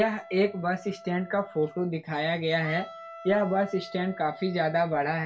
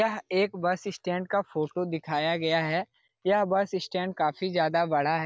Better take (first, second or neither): second